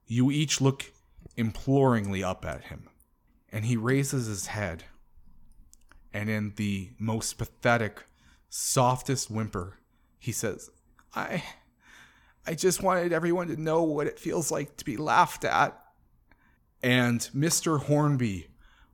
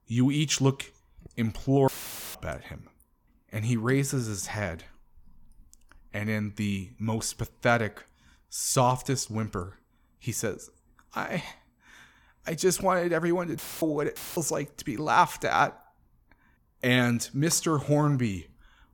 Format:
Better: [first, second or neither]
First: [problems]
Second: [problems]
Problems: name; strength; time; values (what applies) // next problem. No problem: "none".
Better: first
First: none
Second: audio cutting out; filled with static; at 2 s and at 14 s